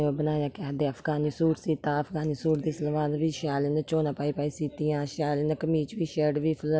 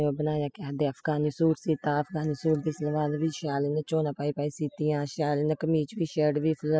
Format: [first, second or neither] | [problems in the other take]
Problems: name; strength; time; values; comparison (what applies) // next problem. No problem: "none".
first | noise reduction (classical method spectral subtraction)